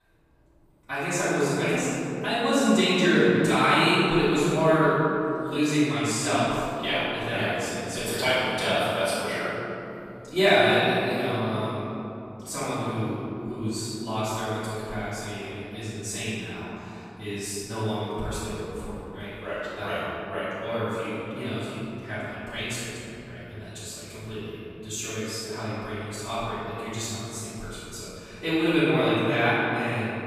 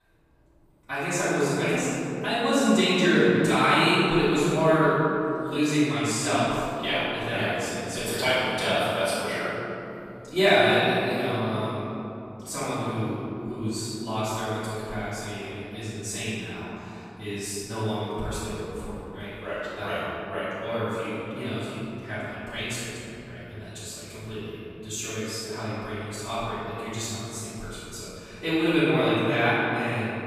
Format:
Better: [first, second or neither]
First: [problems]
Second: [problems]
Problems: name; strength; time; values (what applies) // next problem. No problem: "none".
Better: neither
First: off-mic speech; far // room echo; strong; dies away in 2.9 s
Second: off-mic speech; far // room echo; strong; dies away in 2.9 s